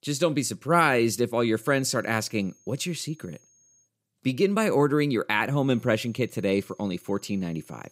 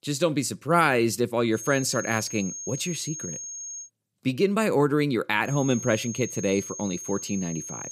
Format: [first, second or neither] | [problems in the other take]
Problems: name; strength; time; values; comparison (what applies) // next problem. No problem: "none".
first | high-pitched whine; loud; from 1.5 to 4 s and from 5.5 s on; 6.5 kHz, 9 dB below the speech; faint in the first